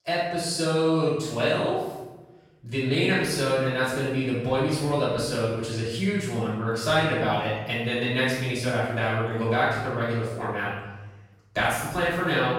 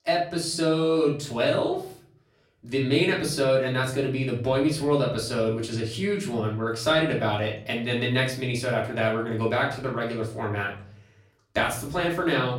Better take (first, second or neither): second